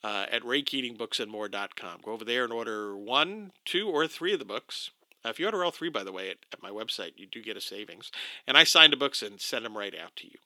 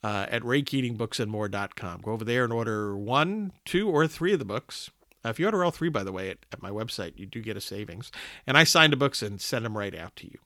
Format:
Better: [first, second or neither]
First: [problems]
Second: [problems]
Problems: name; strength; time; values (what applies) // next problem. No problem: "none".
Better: second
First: thin; somewhat; fading below 300 Hz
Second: none